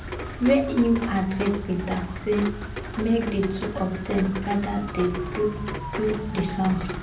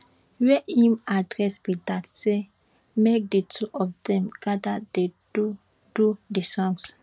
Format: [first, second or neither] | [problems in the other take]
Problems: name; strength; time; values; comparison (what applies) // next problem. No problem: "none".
second | background sound (Rain); 7 dB below the speech // room echo; dies away in 0.6 s